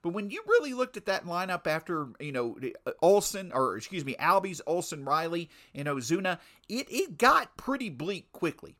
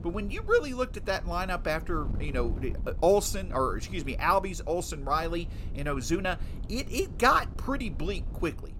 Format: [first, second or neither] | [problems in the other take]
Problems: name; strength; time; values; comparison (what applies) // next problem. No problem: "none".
first | wind noise on the microphone; occasional gusts; 20 dB below the speech